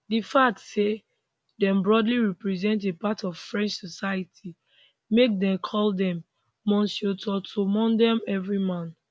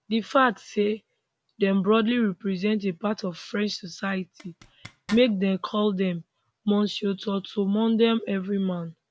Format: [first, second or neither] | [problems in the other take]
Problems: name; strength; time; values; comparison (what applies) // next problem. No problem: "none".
first | background sound (Zipper (clothing)); 19 dB below the speech